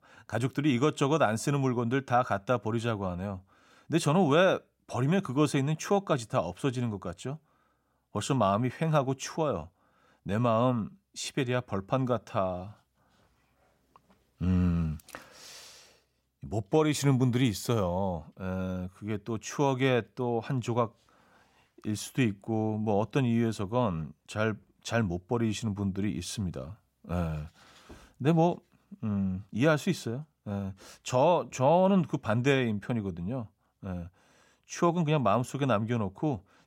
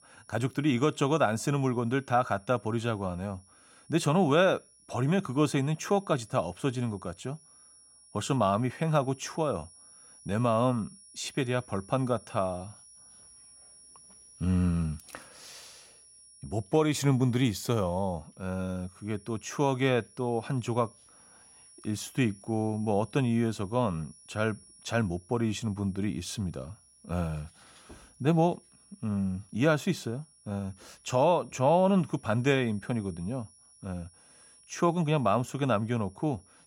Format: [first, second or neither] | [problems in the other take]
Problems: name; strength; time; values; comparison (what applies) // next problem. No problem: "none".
first | high-pitched whine; faint; throughout; 10 kHz, 25 dB below the speech